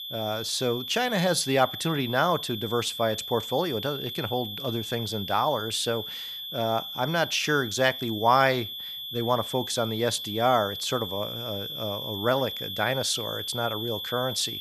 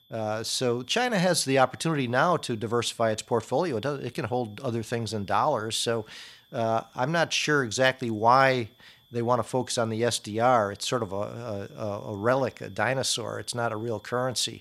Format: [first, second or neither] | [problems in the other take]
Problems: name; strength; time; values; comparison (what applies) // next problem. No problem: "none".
second | high-pitched whine; loud; throughout; 3.5 kHz, 6 dB below the speech; faint in the second